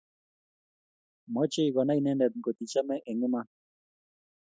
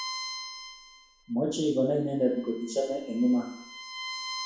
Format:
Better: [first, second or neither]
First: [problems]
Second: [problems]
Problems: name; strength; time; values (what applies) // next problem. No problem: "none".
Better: first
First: none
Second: background sound (Bowed string instrument); 11 dB below the speech // room echo; dies away in 0.7 s